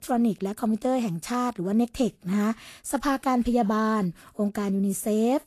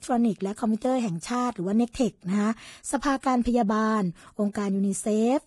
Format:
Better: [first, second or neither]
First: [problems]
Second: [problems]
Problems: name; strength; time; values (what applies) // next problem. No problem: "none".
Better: first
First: garbled, watery; slightly; nothing above 12.5 kHz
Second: garbled, watery; badly; nothing above 10.5 kHz